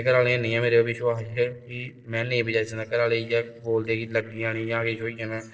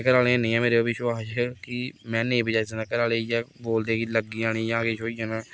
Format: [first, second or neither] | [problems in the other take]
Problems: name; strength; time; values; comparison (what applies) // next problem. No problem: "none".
second | noise reduction (neural separator model SepFormer DNS4)